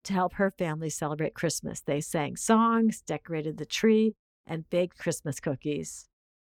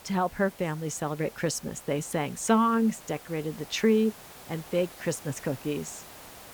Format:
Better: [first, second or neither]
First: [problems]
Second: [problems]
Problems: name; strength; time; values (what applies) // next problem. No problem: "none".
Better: first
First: none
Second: hiss; noticeable; throughout; 20 dB below the speech